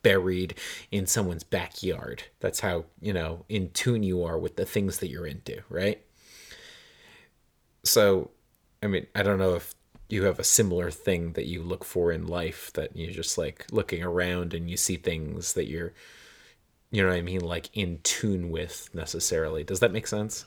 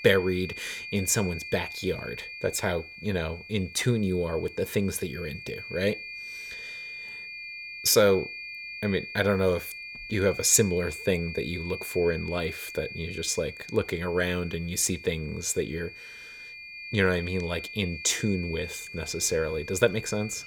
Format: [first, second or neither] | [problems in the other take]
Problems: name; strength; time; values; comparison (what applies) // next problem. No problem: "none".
first | high-pitched whine; noticeable; throughout; 2.5 kHz, 10 dB below the speech